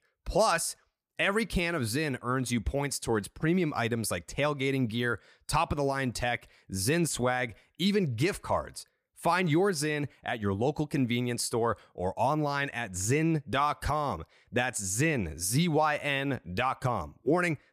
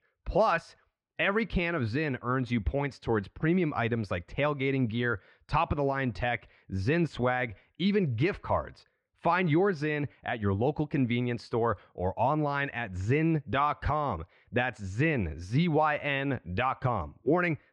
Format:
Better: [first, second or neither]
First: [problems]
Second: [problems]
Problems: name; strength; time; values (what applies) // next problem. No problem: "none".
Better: first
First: none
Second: muffled; very; fading above 3 kHz